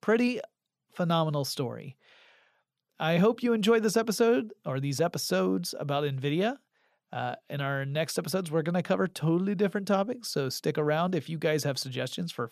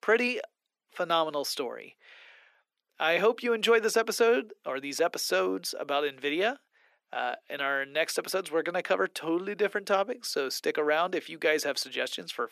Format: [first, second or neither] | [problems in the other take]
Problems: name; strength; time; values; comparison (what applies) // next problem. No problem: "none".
first | thin; somewhat; fading below 300 Hz